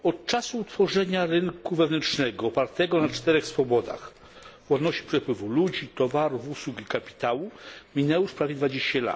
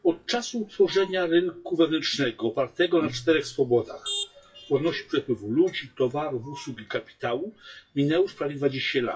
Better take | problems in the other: first | noise reduction (classical method WPE with log-MMSE)

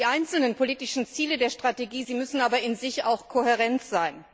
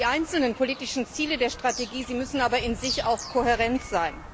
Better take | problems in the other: first | background sound (Bird vocalization, bird call, bird song); 12 dB below the speech

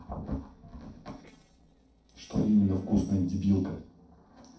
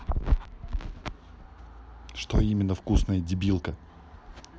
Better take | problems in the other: second | noise reduction (neural separator model SepFormer DNS4)

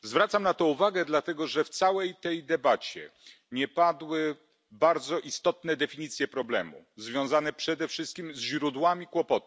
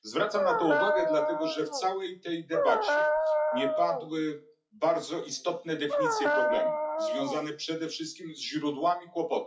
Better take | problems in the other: first | noise reduction (classical method WPE with log-MMSE)

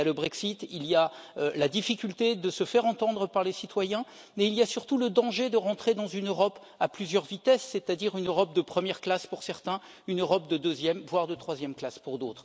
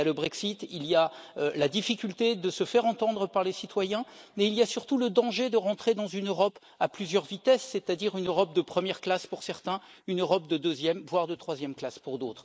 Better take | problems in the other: first | noise reduction (neural mask model Resemble Enhance denoiser)

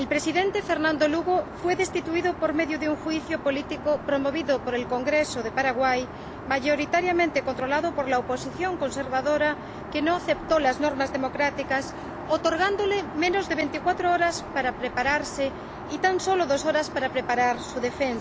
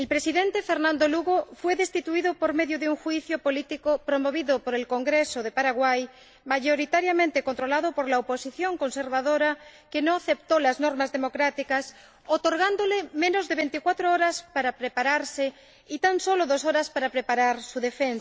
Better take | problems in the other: second | background sound (Aircraft); 11 dB below the speech

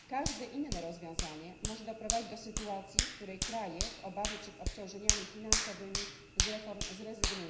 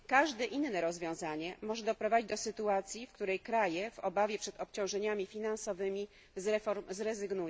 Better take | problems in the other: second | background sound (Hands); 5 dB above the speech // room echo; dies away in 0.9 s

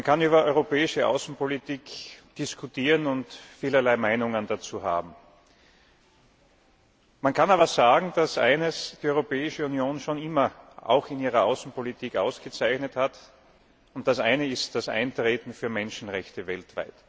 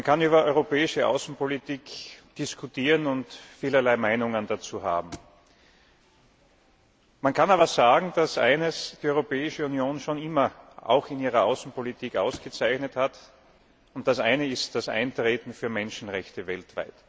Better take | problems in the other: first | background sound (Thump, thud); 19 dB below the speech

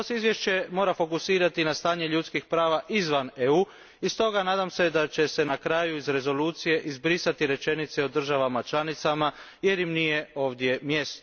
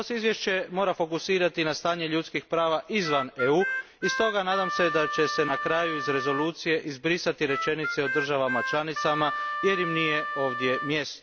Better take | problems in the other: first | background sound (Harmonica); 5 dB below the speech

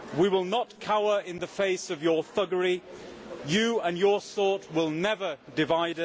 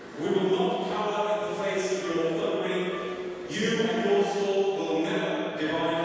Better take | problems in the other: first | background sound (Wind instrument, woodwind instrument); 18 dB below the speech // room echo; dies away in 2.1 s

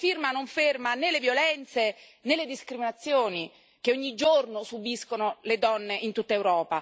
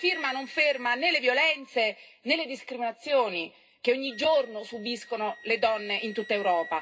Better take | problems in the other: first | background sound (Wind instrument, woodwind instrument); 19 dB below the speech // room echo; dies away in 0.2 s

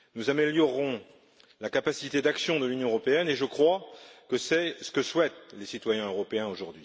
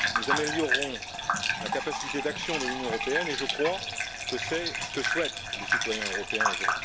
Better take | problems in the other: first | background sound (Bathtub (filling or washing) / Gurgling); 3 dB above the speech

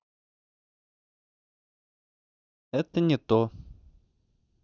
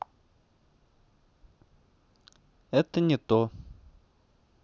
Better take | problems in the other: second | noise reduction (neural mask model DeepFilterNet 3)

